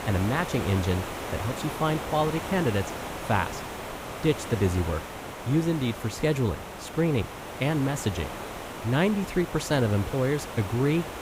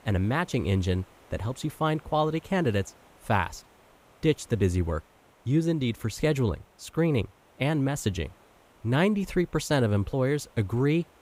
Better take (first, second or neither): second